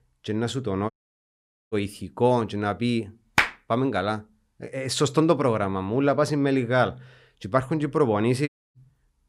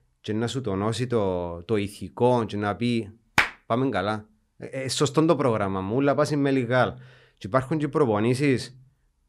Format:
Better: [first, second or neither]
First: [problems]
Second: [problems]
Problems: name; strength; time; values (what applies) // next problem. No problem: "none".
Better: second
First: audio cutting out; at 1 s for 1 s and at 8.5 s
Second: none